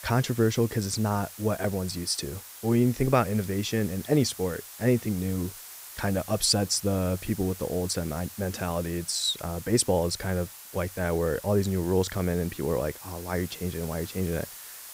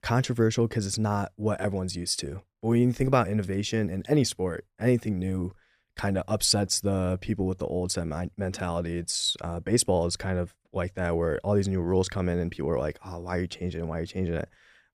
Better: second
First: hiss; noticeable; throughout; 15 dB below the speech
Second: none

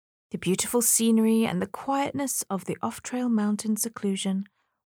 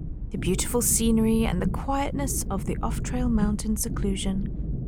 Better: first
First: none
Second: low rumble; noticeable; throughout; 15 dB below the speech

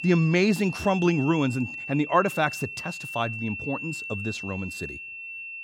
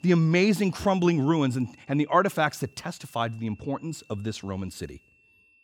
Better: second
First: high-pitched whine; loud; throughout; 2.5 kHz, 8 dB below the speech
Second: high-pitched whine; faint; throughout; 2.5 kHz, 30 dB below the speech

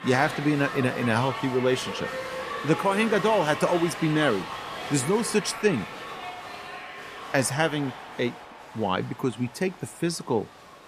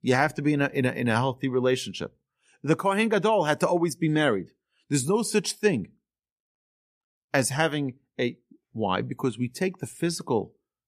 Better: second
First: crowd noise; loud; throughout; 9 dB below the speech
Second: none

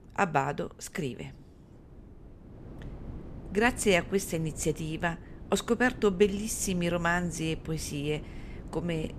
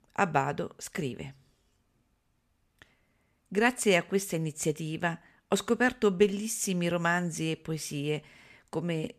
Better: second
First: wind noise on the microphone; occasional gusts; 20 dB below the speech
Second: none

